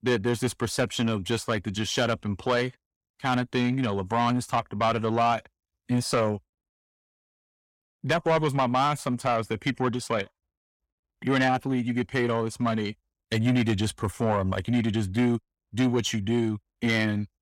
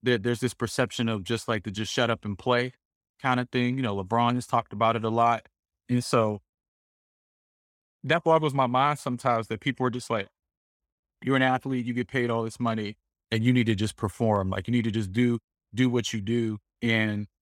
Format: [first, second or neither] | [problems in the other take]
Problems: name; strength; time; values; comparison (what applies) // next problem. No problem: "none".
second | distortion; slight; 10 dB below the speech